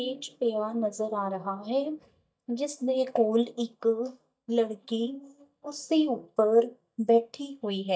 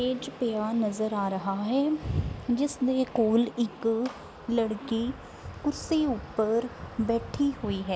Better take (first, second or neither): second